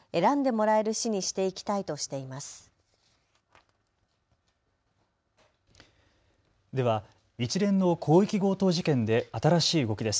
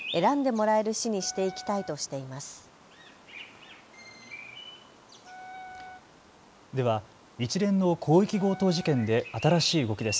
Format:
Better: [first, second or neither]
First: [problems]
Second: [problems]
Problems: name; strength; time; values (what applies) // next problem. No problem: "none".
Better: first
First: none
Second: background sound (Bird vocalization, bird call, bird song + Wind instrument, woodwind instrument); 17 dB below the speech